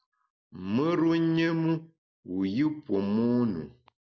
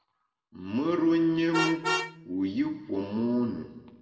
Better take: first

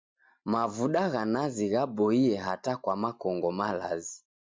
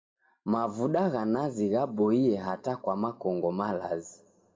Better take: first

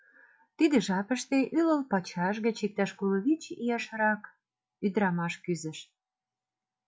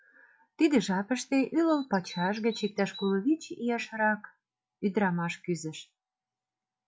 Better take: first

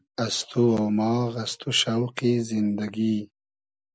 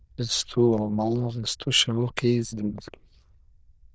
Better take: first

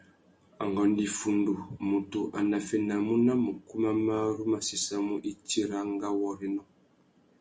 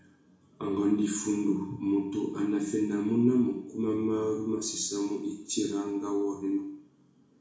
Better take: first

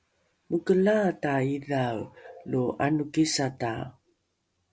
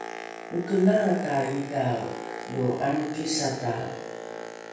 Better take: first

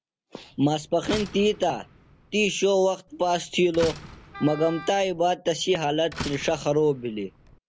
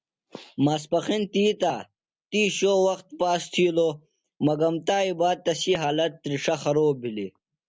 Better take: second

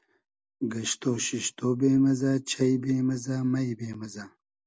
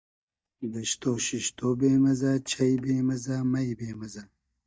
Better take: first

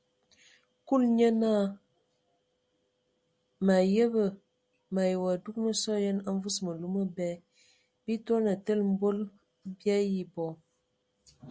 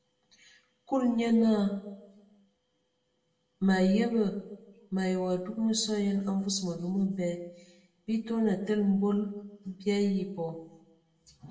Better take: first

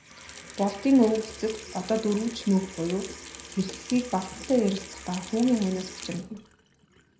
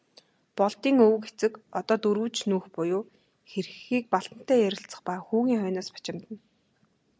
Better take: second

